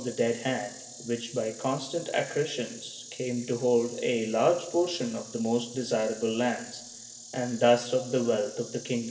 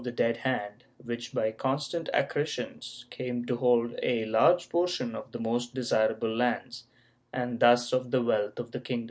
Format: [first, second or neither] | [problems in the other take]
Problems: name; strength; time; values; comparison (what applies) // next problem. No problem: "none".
second | background sound (Insect); 16 dB below the speech // room echo; dies away in 1.6 s